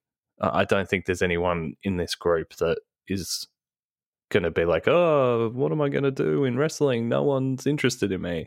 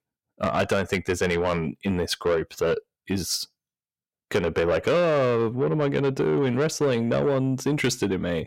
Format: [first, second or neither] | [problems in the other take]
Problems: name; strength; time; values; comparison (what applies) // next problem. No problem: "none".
first | distortion; slight; 10 dB below the speech